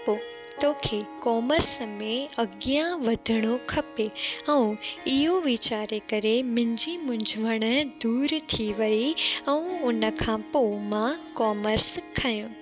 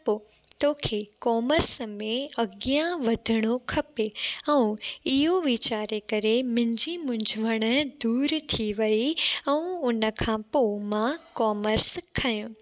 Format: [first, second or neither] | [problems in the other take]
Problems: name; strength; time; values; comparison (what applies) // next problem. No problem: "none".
second | background sound (Harp); 15 dB below the speech